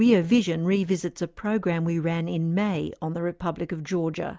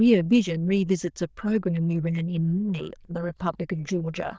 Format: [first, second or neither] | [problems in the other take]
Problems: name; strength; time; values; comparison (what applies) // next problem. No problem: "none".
first | noise reduction (neural diffusion model UNIVERSE++)